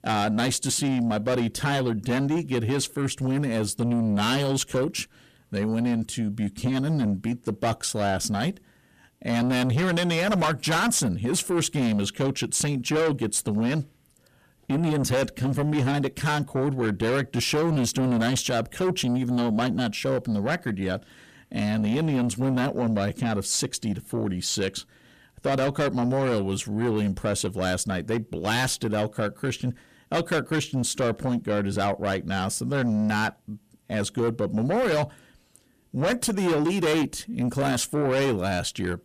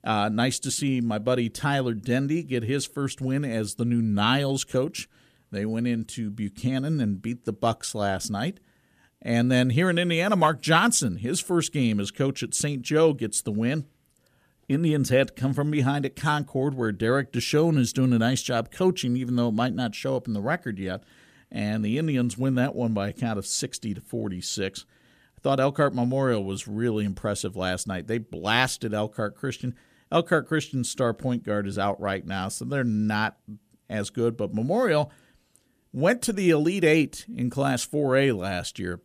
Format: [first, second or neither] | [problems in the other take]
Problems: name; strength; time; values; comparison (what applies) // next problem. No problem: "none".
second | distortion; heavy; 7 dB below the speech